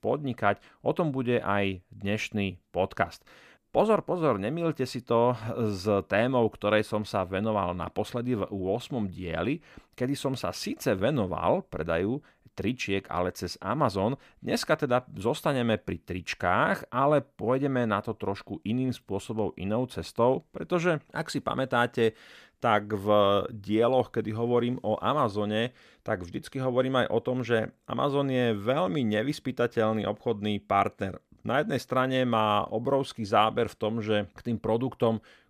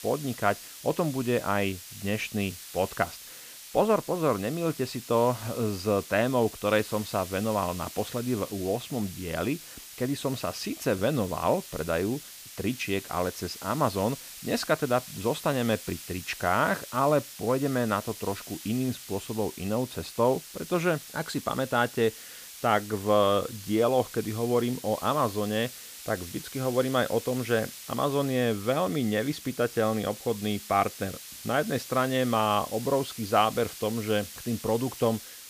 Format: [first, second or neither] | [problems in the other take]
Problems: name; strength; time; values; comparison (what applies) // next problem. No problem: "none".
first | hiss; noticeable; throughout; 15 dB below the speech